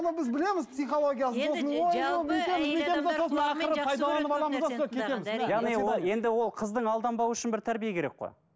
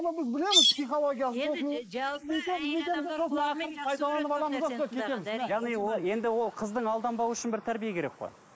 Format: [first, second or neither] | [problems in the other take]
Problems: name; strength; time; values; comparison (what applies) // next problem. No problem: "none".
first | noise reduction (neural mask model Resemble Enhance denoiser)